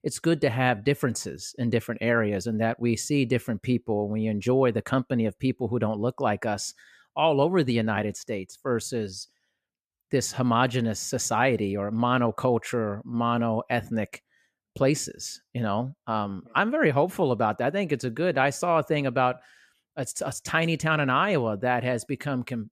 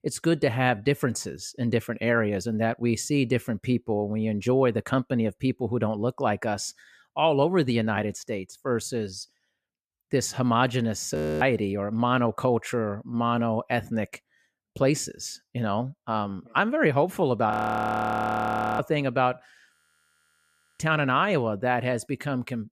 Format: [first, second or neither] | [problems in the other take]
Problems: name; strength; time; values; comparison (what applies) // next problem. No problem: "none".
first | audio freezing; at 11 s, at 18 s for 1.5 s and at 20 s for 1 s